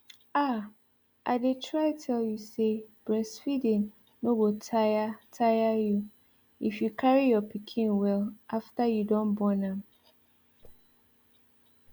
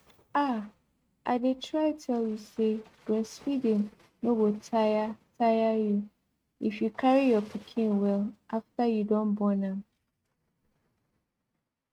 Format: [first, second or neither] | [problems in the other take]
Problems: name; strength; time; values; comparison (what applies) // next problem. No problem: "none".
first | noise reduction (neural mask model RNNoise)